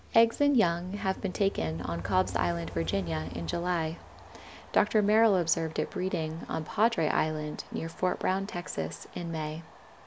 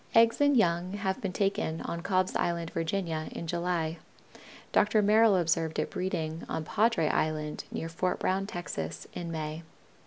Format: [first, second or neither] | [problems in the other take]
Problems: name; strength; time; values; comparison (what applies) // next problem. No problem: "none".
second | background sound (Train); 16 dB below the speech